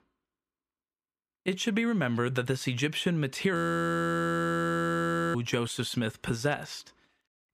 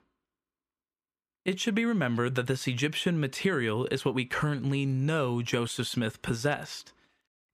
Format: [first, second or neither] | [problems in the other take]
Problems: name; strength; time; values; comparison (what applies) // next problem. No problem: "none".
second | audio freezing; at 3.5 s for 2 s